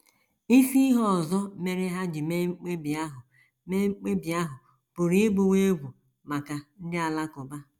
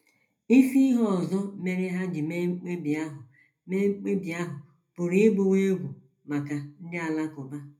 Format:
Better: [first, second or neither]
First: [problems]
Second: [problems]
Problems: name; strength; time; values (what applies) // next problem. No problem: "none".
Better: first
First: none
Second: room echo; dies away in 0.3 s